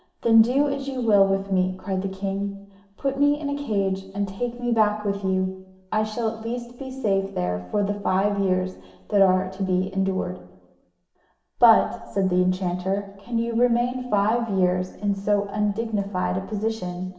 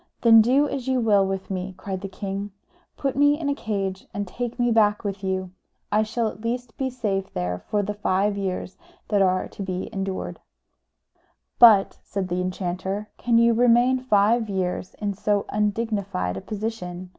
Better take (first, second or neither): second